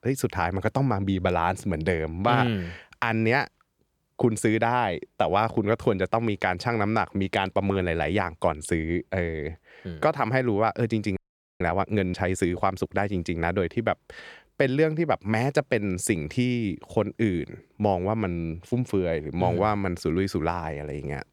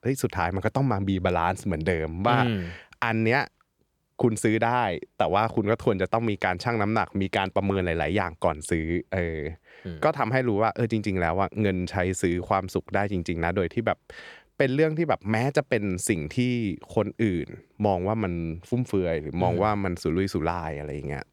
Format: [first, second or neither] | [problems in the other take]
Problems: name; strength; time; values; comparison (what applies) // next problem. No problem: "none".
second | audio freezing; at 11 s